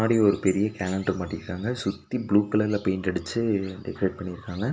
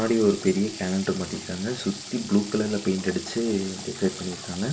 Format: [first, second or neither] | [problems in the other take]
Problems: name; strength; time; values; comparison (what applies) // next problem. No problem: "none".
first | background sound (Water tap, faucet / Water); 13 dB below the speech // room echo; dies away in 1.2 s